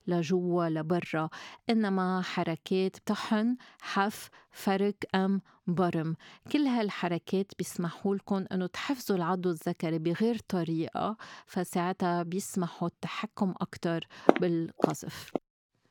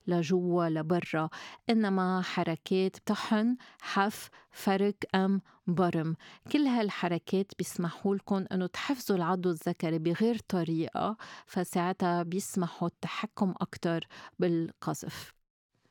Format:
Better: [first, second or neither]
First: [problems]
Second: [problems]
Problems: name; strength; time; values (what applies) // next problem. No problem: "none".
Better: second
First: footsteps; loud; from 14 to 15 s; peak 5 dB above the speech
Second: none